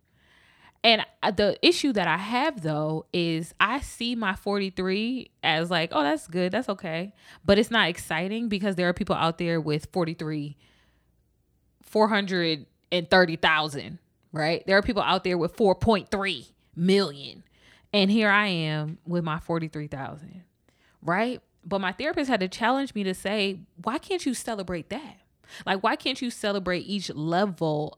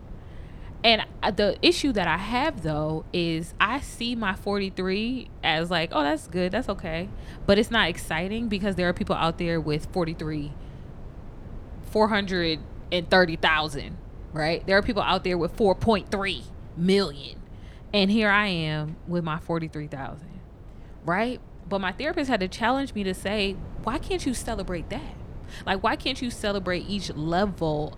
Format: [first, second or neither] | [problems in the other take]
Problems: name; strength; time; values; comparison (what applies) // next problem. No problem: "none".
first | wind noise on the microphone; occasional gusts; 25 dB below the speech